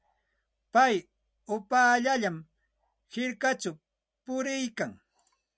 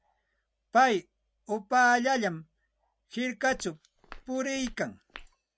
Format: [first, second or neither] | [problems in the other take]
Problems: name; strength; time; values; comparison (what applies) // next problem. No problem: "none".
first | background sound (Walk, footsteps); 20 dB below the speech